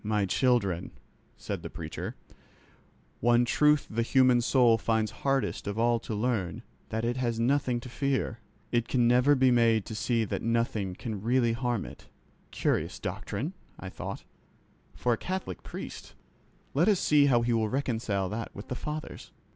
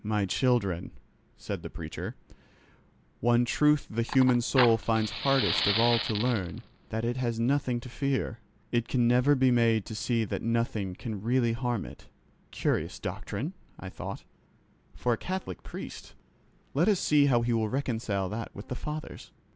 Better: first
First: none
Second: background sound (Fire); 6 dB below the speech

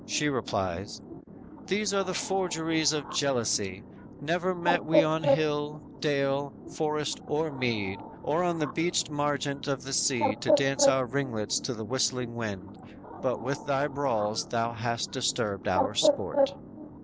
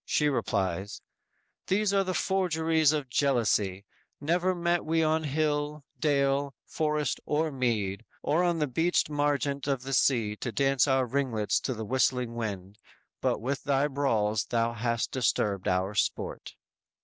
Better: second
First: background sound (Bird); 4 dB below the speech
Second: none

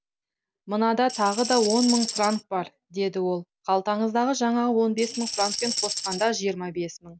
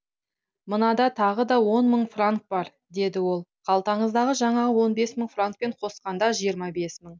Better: second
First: background sound (Tambourine); 5 dB below the speech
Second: none

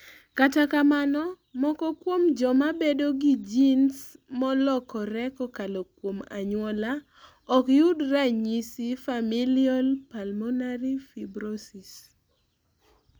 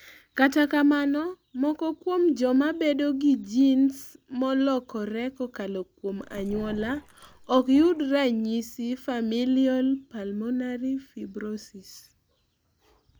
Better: first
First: none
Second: background sound (Growling); 20 dB below the speech

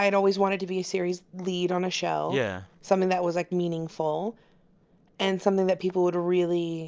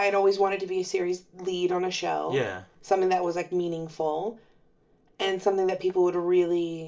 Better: first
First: none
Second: room echo; dies away in 0.2 s

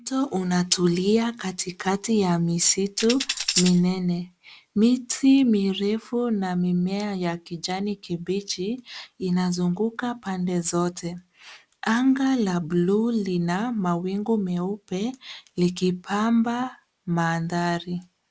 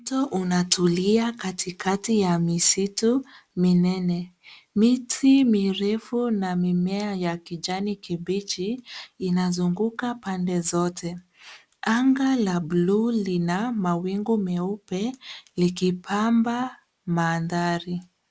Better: second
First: background sound (Tambourine); 4 dB below the speech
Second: none

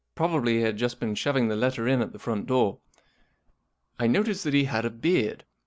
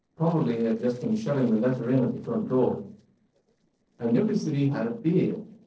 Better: first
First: none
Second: noise reduction (neural separator model SepFormer DNS4)

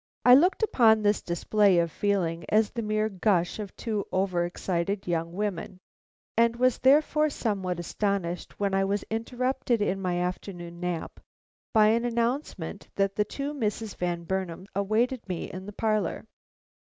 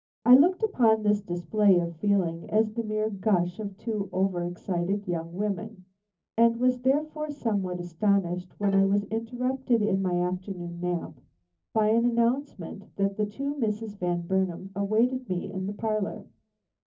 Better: first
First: none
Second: noise reduction (neural separator model SepFormer DNS4)

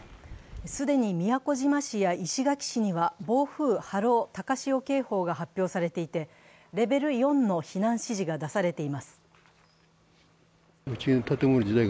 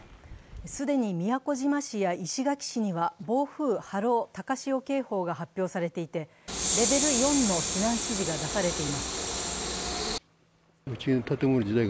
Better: first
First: none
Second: background sound (Train); as loud as the speech

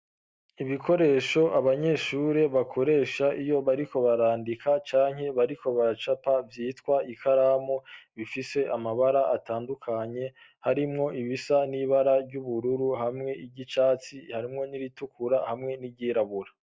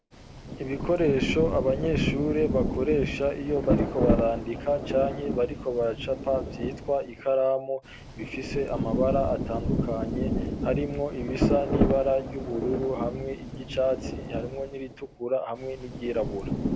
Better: first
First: none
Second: background sound (Rain); 2 dB below the speech

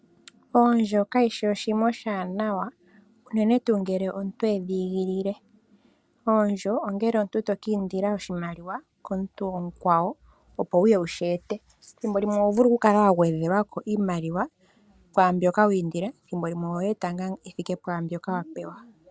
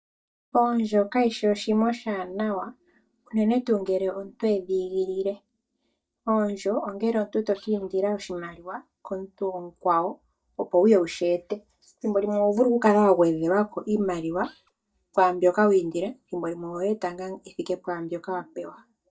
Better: first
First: none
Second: noise reduction (neural mask model DeepFilterNet 3)

